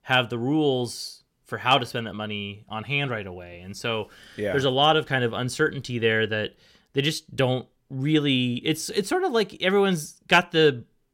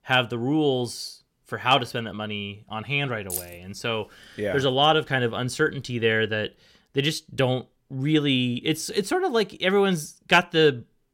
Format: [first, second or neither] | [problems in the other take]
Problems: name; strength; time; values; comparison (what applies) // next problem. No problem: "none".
first | jangling keys; noticeable; at 3.5 s; peak 8 dB below the speech